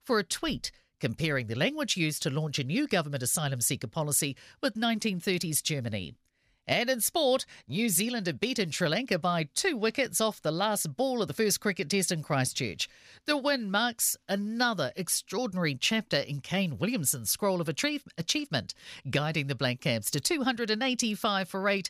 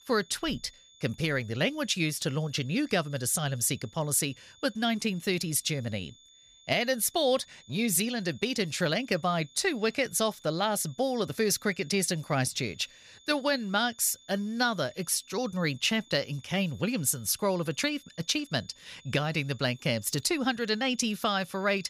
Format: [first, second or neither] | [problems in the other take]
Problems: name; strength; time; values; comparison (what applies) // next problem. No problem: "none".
first | high-pitched whine; faint; throughout; 3.5 kHz, 25 dB below the speech